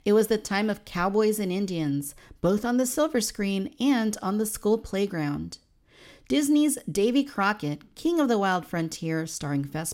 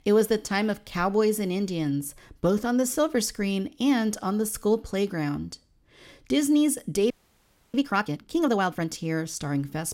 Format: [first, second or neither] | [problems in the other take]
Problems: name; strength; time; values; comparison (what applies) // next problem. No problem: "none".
first | audio freezing; at 7 s for 0.5 s